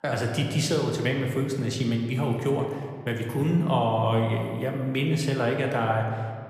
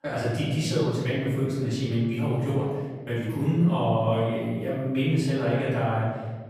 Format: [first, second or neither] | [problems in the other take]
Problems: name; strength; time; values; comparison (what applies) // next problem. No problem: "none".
first | room echo; strong; dies away in 1.6 s; slight in the first // off-mic speech; far